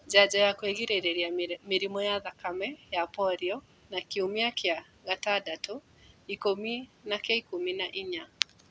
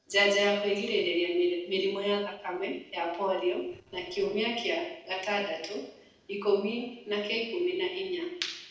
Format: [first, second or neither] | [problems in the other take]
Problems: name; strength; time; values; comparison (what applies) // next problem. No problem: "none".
first | noise reduction (neural separator model SepFormer DNS4)